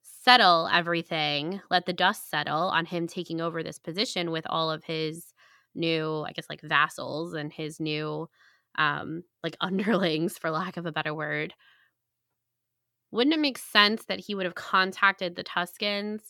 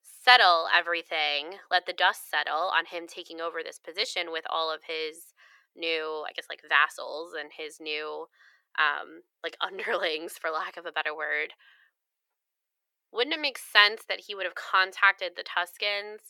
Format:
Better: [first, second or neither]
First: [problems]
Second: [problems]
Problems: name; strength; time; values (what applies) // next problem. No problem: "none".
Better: first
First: none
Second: thin; very; fading below 450 Hz